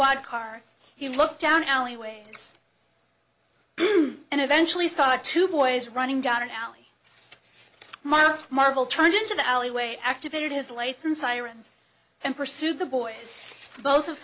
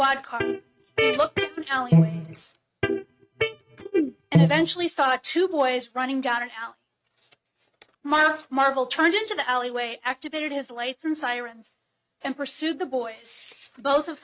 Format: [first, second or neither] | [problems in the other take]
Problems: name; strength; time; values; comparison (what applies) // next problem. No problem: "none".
first | noise reduction (neural mask model RNNoise)